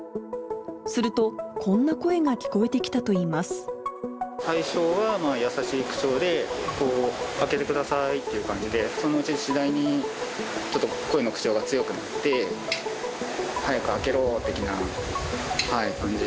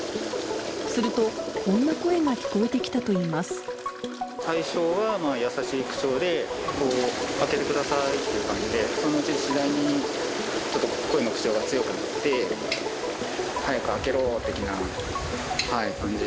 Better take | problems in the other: first | background sound (Toilet flush); 7 dB below the speech

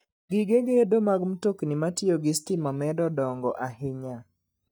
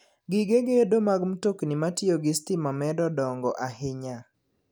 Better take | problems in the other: second | noise reduction (neural mask model DeepFilterNet 3)

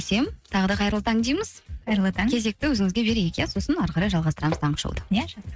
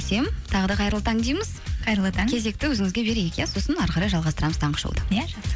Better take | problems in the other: second | noise reduction (neural mask model RNNoise)

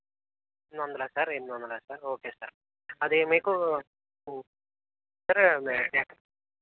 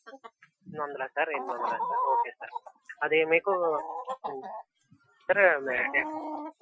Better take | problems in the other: first | noise reduction (classical method Wiener filter)

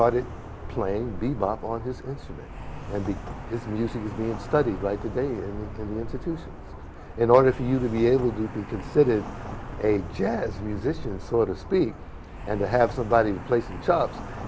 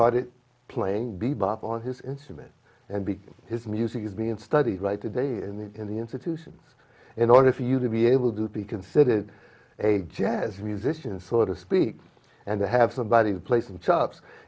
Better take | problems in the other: second | background sound (Traffic noise, roadway noise); 10 dB below the speech

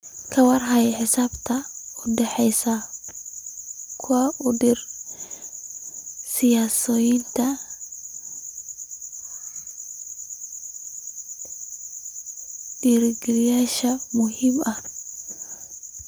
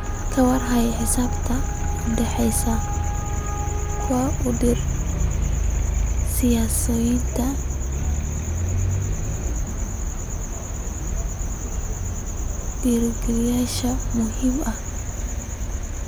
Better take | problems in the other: first | background sound (Traffic noise, roadway noise); 2 dB above the speech

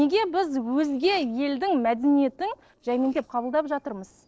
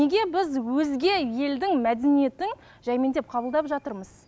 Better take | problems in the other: second | noise reduction (neural separator model SepFormer DNS4)

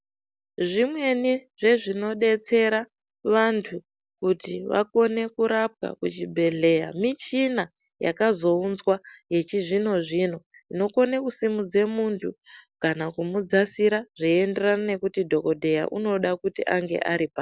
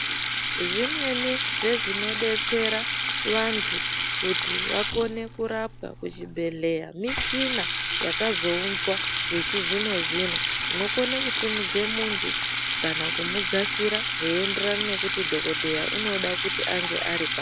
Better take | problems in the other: first | background sound (Sink (filling or washing) / Water tap, faucet); 2 dB above the speech

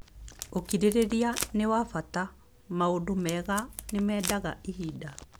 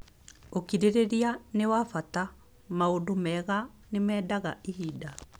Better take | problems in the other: second | background sound (Packing tape, duct tape); 11 dB below the speech

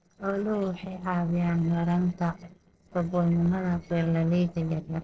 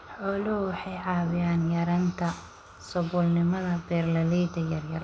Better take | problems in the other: second | noise reduction (neural separator model SepFormer DNS4)

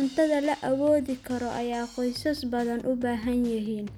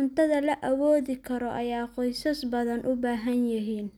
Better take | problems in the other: second | background sound (Drum kit); 19 dB below the speech

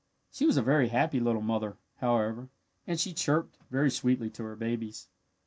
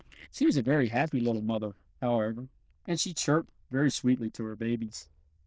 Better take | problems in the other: first | noise reduction (neural diffusion model UNIVERSE++)

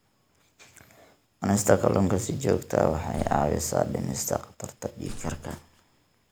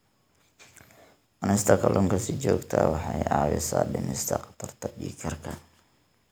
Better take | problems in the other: second | background sound (Slam); 15 dB below the speech

